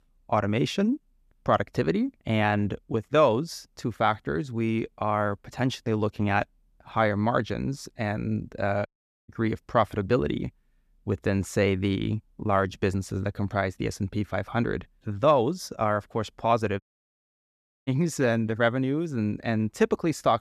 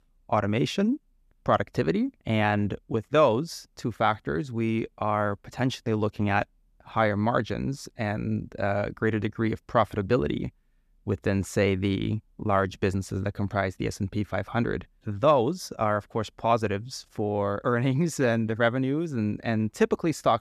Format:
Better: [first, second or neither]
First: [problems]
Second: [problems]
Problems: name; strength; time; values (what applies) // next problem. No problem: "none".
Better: second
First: audio cutting out; at 9 s and at 17 s for 1 s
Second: none